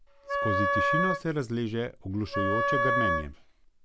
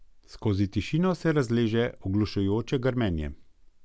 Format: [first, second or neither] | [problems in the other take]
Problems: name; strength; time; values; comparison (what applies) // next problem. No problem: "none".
second | background sound (Wind instrument, woodwind instrument); 4 dB above the speech